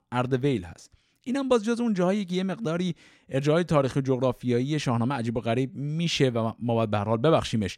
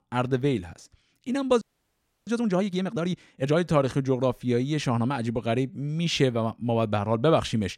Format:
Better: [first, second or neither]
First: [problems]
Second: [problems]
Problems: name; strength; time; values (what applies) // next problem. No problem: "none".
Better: first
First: none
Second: audio freezing; at 1.5 s for 0.5 s